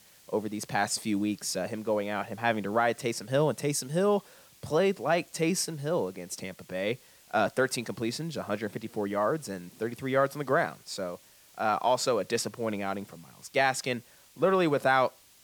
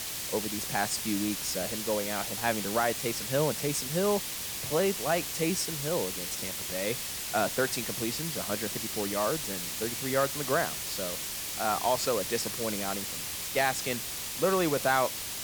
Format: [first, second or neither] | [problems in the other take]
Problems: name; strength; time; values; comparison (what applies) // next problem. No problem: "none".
first | hiss; loud; throughout; 2 dB below the speech; faint in the first